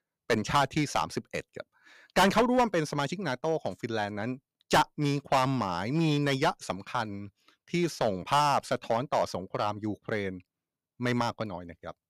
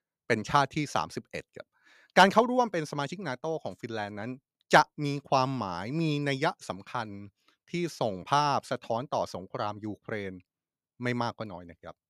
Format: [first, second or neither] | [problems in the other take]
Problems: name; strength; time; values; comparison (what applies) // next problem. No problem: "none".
second | distortion; heavy; 4% of the sound clipped